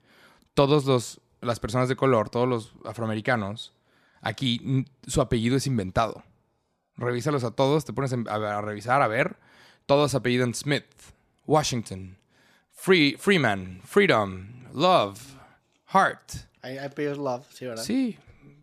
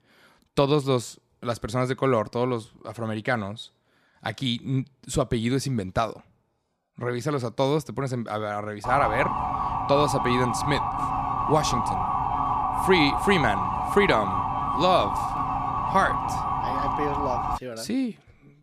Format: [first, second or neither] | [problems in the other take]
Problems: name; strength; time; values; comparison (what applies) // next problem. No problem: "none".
first | siren; loud; from 9 to 18 s; peak 1 dB above the speech